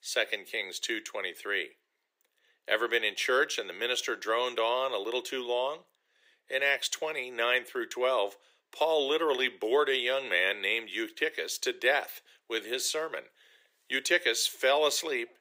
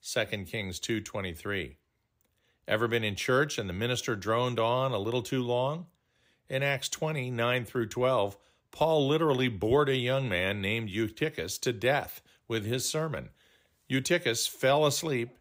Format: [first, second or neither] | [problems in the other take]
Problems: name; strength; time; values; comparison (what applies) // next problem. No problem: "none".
second | thin; very; fading below 400 Hz